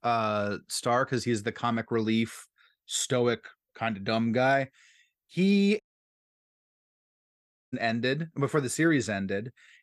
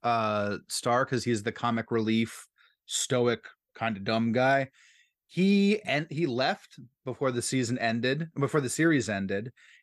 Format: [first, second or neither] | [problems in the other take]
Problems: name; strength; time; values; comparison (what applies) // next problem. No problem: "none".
second | audio cutting out; at 6 s for 2 s